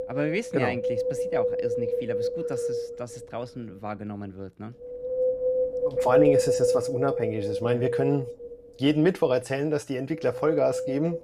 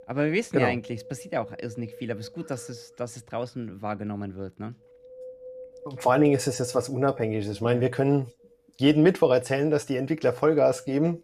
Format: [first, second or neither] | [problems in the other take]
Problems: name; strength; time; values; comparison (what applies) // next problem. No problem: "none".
second | wind noise on the microphone; heavy; 1 dB above the speech; occasional gusts in the second